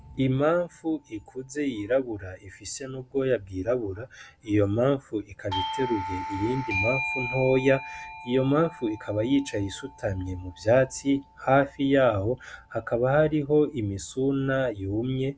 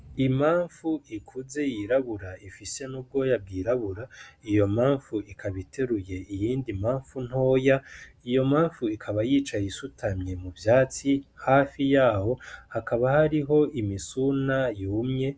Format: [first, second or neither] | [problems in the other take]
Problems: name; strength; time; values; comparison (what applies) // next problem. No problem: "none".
second | background sound (Doorbell); 13 dB below the speech